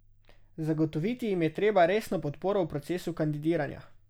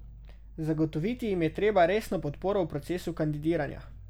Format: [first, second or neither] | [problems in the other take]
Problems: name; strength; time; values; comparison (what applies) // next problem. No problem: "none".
first | background sound (Growling); 18 dB below the speech